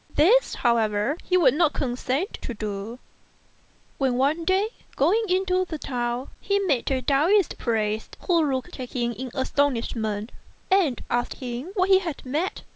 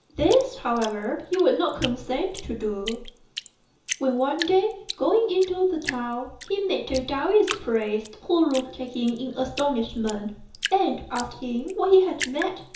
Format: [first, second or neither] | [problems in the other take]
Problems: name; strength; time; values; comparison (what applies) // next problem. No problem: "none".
first | background sound (Drip); 14 dB below the speech // room echo; dies away in 0.7 s